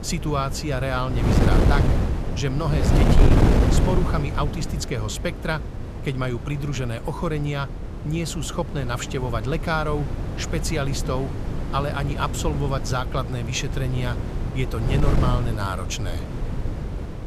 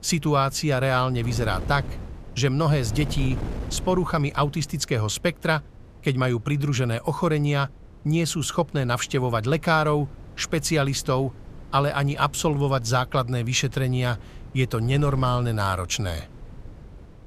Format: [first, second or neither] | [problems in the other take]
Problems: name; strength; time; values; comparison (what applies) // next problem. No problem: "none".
second | wind noise on the microphone; heavy; 4 dB below the speech; occasional gusts in the second